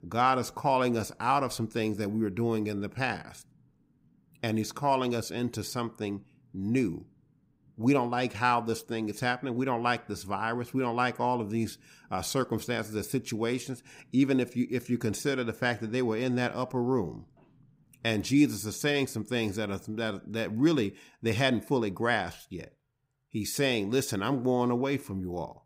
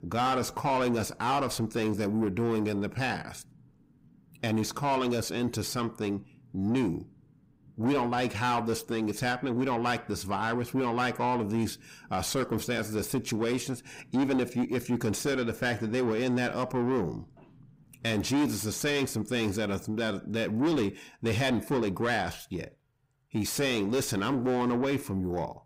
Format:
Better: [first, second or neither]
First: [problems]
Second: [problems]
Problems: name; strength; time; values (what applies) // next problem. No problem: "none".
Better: first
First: none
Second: distortion; heavy; 7 dB below the speech